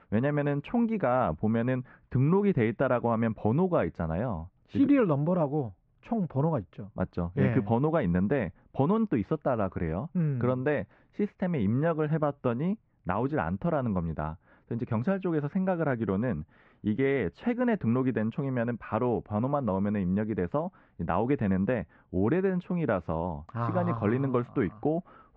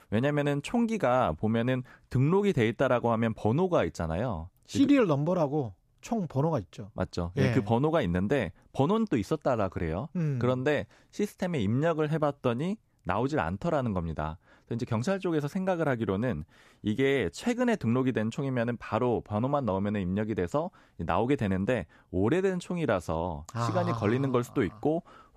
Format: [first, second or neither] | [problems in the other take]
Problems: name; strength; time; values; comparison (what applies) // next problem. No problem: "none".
second | muffled; very; fading above 2.5 kHz